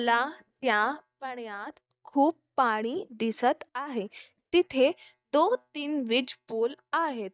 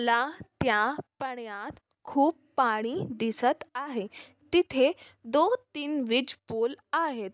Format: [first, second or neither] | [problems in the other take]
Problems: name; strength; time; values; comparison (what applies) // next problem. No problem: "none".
second | noise reduction (neural mask model DeepFilterNet 3)